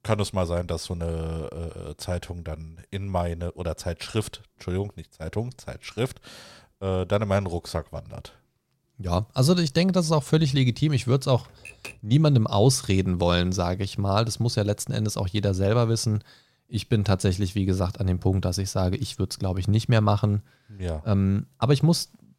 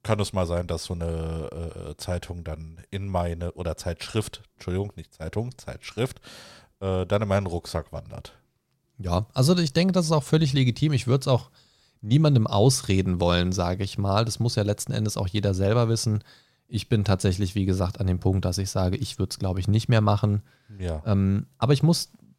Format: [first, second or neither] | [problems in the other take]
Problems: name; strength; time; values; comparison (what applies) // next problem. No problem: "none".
second | keyboard typing; faint; at 11 s; peak 15 dB below the speech